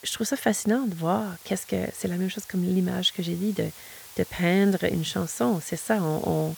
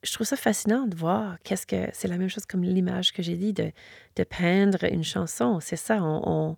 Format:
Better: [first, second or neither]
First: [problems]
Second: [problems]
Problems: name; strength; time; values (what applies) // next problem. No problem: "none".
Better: second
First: hiss; noticeable; throughout; 15 dB below the speech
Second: none